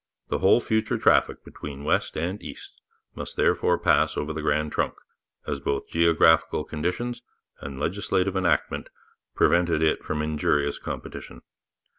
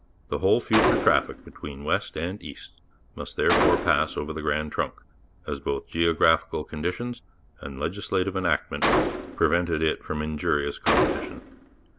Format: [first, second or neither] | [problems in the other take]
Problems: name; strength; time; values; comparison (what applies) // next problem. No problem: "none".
first | background sound (Gunshot, gunfire); 4 dB below the speech